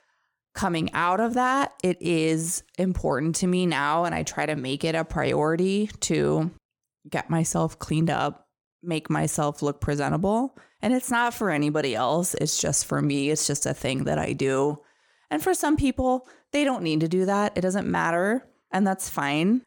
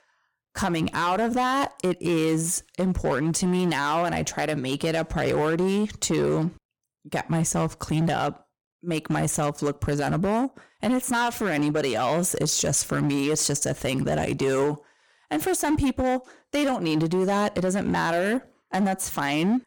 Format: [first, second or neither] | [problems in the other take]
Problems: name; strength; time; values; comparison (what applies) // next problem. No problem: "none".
first | distortion; slight; 12% of the sound clipped